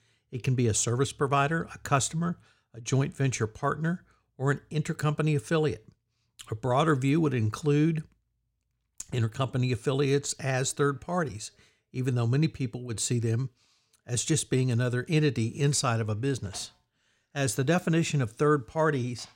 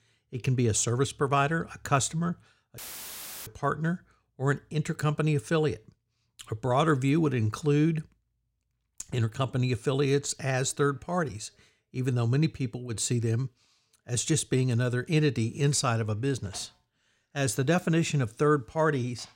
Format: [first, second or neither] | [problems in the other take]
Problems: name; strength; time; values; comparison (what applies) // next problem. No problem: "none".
first | audio cutting out; filled with static; at 3 s for 0.5 s